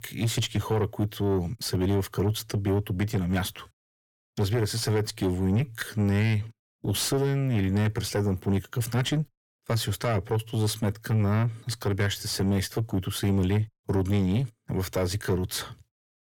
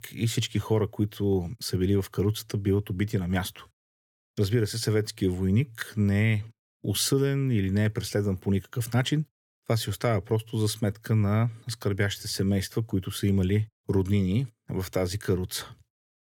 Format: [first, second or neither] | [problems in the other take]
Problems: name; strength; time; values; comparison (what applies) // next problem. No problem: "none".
second | distortion; slight; 10 dB below the speech